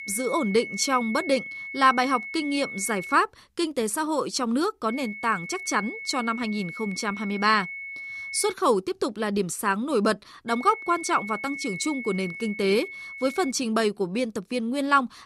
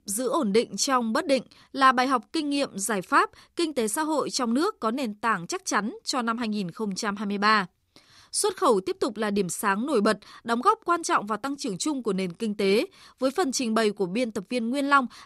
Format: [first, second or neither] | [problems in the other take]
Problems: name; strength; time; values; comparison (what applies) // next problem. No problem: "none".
second | high-pitched whine; loud; until 3 s, from 5 to 8.5 s and from 10 to 14 s; 2 kHz, 9 dB below the speech